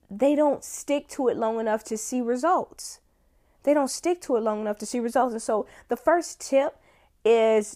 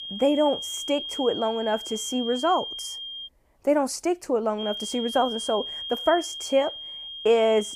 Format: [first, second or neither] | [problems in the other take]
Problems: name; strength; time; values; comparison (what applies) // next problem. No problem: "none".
first | high-pitched whine; loud; until 3.5 s and from 4.5 s on; 3 kHz, 7 dB below the speech